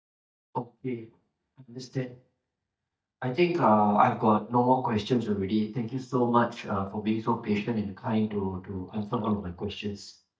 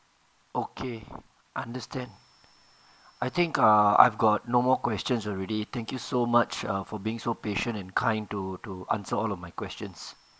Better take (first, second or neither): second